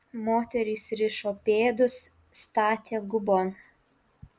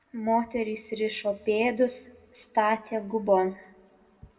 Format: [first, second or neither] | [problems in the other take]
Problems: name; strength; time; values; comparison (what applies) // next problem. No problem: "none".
first | room echo; dies away in 0.6 s